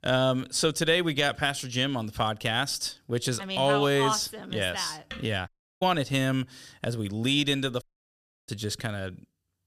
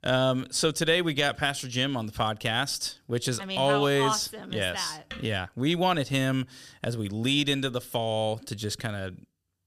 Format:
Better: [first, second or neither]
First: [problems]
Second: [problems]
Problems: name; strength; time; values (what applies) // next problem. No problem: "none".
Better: second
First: audio cutting out; at 5.5 s and at 8 s for 0.5 s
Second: none